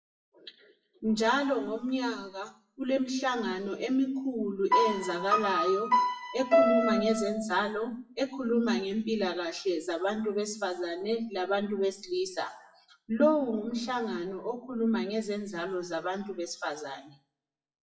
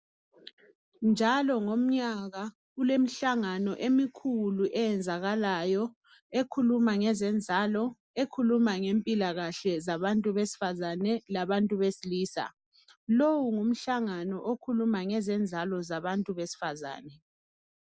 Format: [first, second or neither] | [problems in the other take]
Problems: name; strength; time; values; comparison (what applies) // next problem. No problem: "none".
second | noise reduction (classical method WPE with log-MMSE)